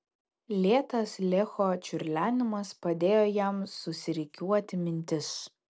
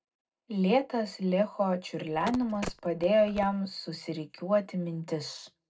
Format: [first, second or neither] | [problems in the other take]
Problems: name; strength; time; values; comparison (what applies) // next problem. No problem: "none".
first | background sound (Telephone); 12 dB below the speech // room echo; dies away in 0.3 s